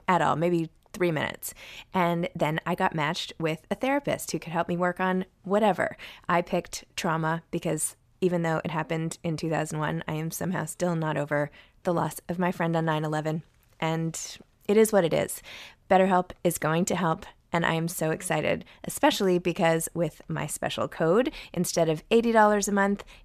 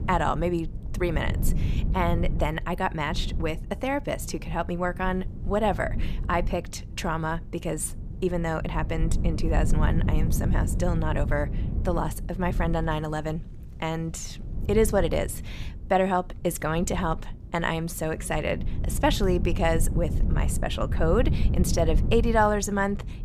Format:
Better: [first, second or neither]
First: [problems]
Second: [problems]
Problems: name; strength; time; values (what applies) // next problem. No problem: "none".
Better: first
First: none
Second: low rumble; noticeable; throughout; 15 dB below the speech